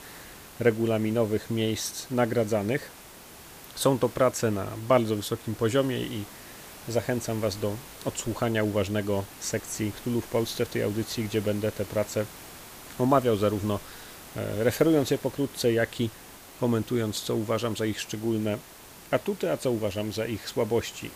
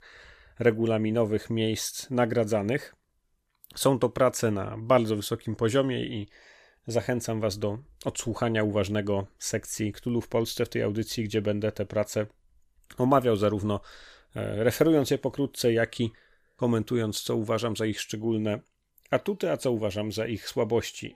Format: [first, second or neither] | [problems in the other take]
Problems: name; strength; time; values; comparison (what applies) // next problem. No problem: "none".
second | hiss; noticeable; throughout; 15 dB below the speech